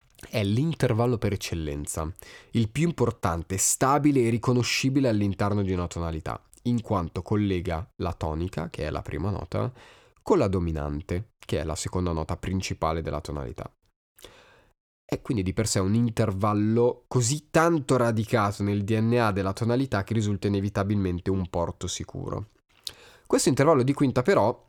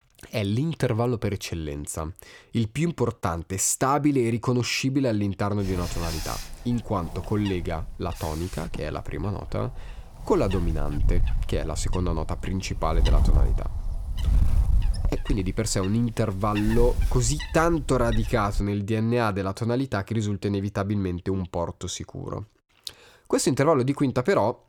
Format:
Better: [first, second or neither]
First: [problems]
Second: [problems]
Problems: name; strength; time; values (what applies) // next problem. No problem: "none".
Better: first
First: none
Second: wind noise on the microphone; occasional gusts; from 5.5 to 19 s; 15 dB below the speech